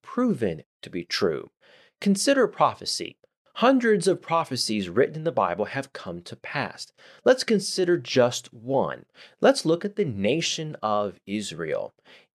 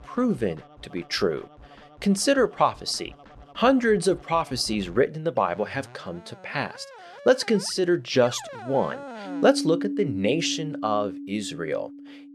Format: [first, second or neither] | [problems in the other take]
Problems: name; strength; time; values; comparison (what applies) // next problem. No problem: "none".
first | background music; noticeable; throughout; 10 dB below the speech